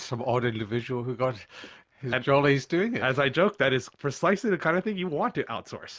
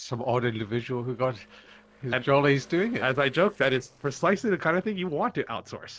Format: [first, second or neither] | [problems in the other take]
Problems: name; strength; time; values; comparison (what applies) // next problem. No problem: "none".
first | noise reduction (neural separator model SepFormer DNS4)